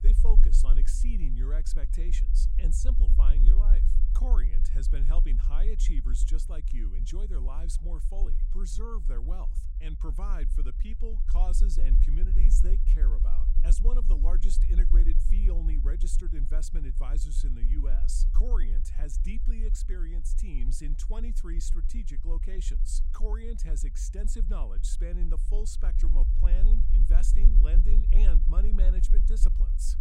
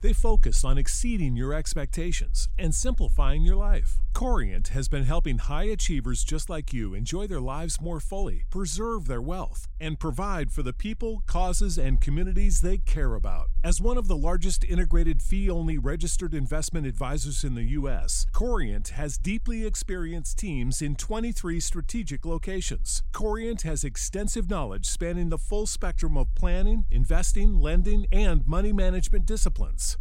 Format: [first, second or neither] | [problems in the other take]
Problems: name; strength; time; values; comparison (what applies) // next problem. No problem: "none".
second | low rumble; loud; throughout; 7 dB below the speech; faint in the second